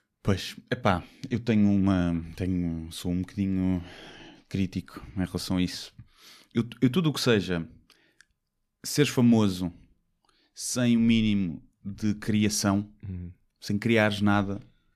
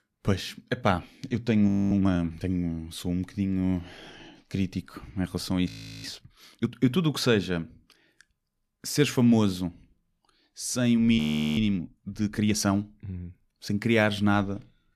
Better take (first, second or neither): first